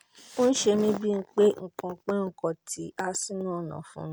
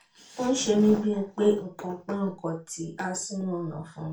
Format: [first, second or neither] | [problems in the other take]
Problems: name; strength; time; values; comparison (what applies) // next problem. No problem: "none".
first | room echo; dies away in 0.3 s